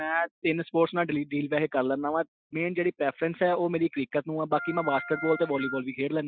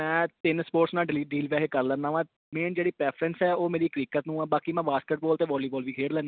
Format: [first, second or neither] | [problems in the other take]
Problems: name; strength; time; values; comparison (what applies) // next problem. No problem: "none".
second | noise reduction (classical method Wiener filter)